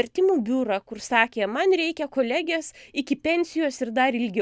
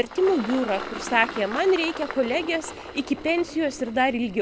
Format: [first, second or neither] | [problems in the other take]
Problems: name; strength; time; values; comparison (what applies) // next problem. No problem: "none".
first | background sound (Engine); 12 dB below the speech